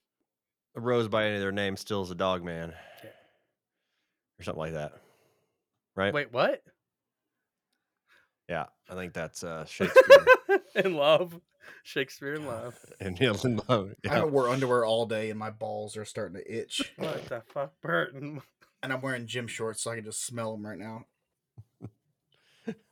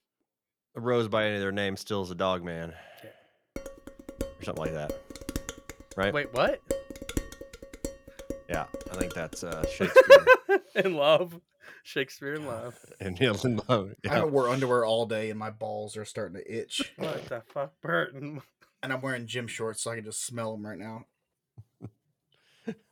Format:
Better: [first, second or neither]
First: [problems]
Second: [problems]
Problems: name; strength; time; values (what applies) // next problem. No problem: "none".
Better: first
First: none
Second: clattering dishes; noticeable; from 3.5 to 9.5 s; peak 8 dB below the speech